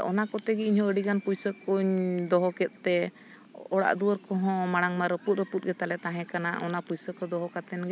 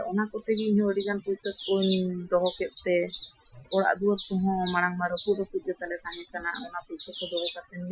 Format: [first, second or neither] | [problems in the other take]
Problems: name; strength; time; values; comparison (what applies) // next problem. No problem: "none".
first | noise reduction (classical method Wiener filter)